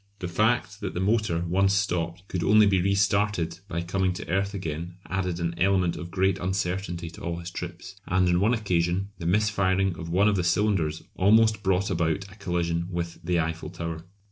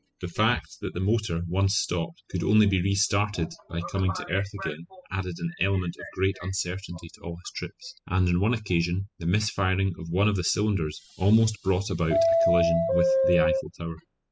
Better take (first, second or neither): first